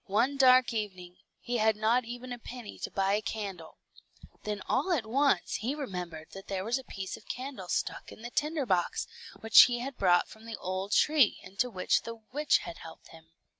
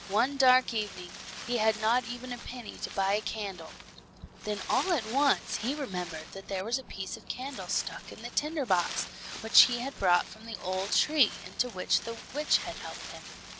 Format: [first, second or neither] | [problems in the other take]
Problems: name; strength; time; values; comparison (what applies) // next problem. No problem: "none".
first | background sound (Wind); 12 dB below the speech